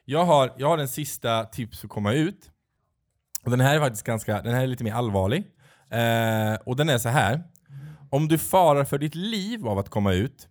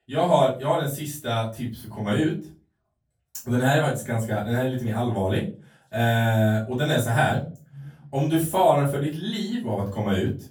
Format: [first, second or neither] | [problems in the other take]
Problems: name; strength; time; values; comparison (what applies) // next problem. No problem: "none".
first | off-mic speech; far // room echo; slight; dies away in 0.3 s